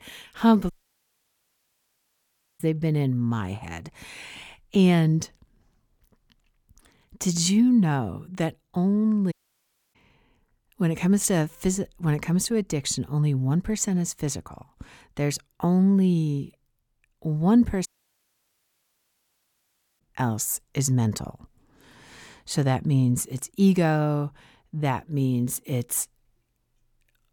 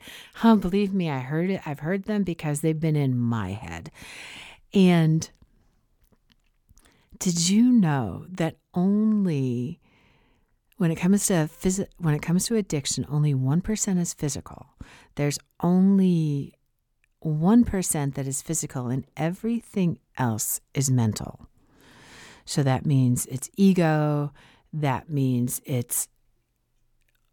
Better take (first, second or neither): second